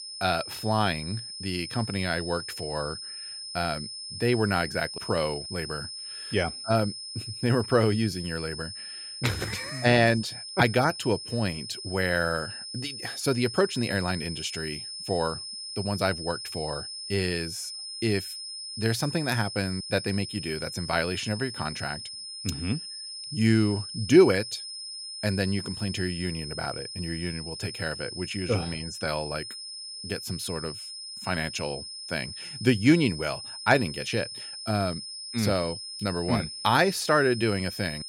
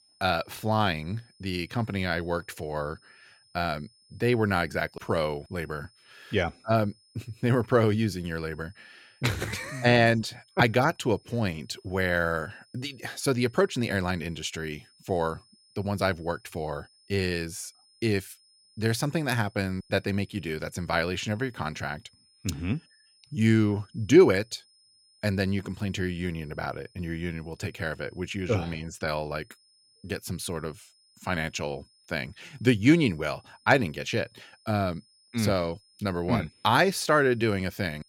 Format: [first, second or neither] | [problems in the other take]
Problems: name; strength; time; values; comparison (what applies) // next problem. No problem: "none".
second | high-pitched whine; loud; throughout; 5 kHz, 8 dB below the speech; faint in the second